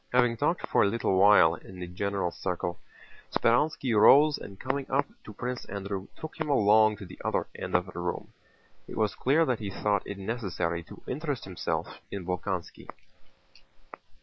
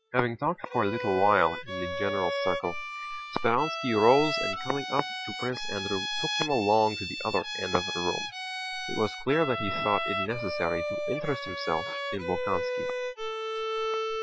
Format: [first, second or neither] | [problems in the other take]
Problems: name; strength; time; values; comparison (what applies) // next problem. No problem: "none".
first | noise reduction (classical method Wiener filter)